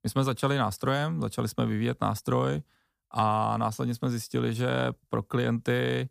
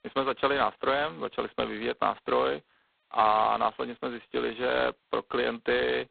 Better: first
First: none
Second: phone-call audio; poor line; nothing above 4 kHz

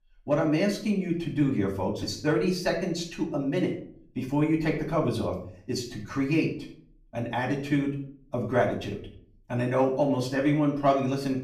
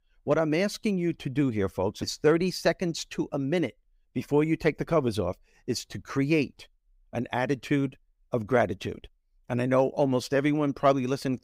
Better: second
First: room echo; slight; dies away in 0.4 s // off-mic speech; far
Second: none

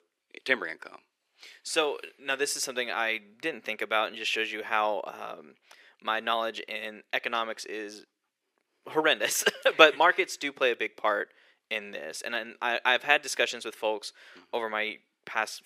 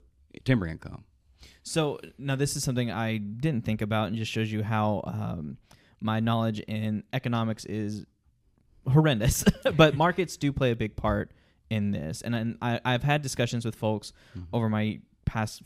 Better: second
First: thin; very; fading below 400 Hz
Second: none

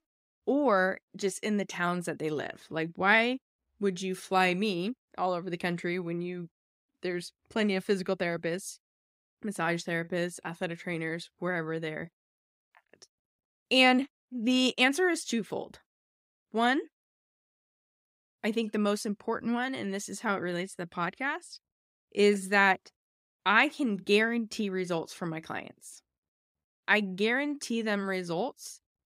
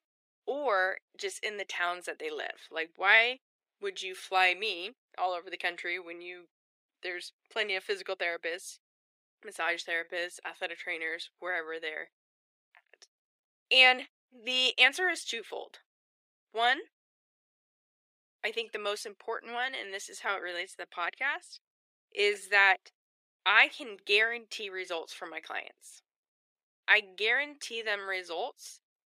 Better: first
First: none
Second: thin; very; fading below 400 Hz

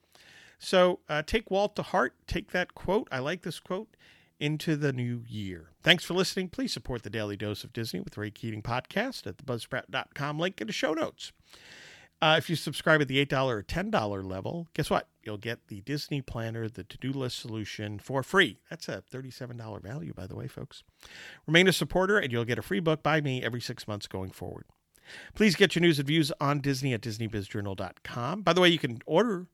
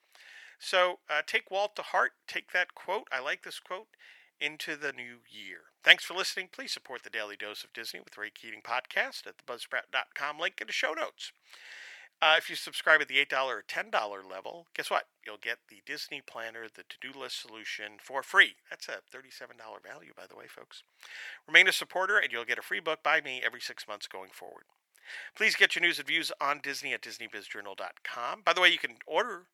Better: first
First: none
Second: thin; very; fading below 750 Hz

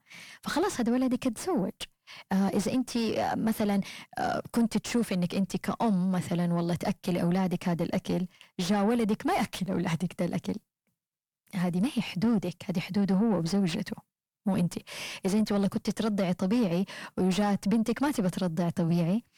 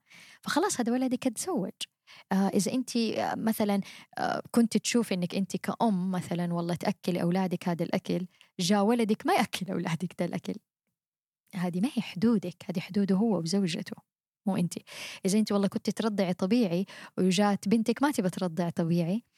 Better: second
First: distortion; slight; 10 dB below the speech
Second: none

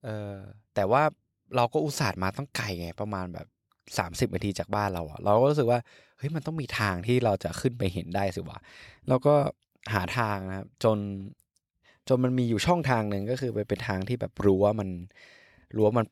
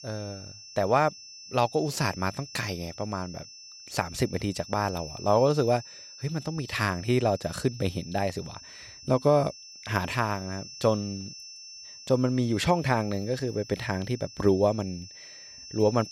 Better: first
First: none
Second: high-pitched whine; noticeable; throughout; 5.5 kHz, 15 dB below the speech

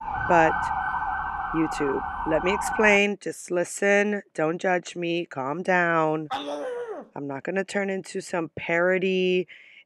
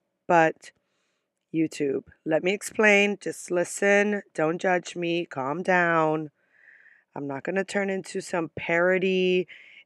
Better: second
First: siren; noticeable; until 3 s; peak 1 dB below the speech // dog barking; noticeable; at 6.5 s; peak 6 dB below the speech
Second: none

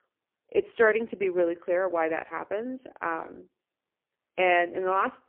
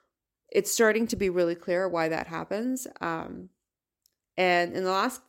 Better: second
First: phone-call audio; poor line; nothing above 3 kHz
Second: none

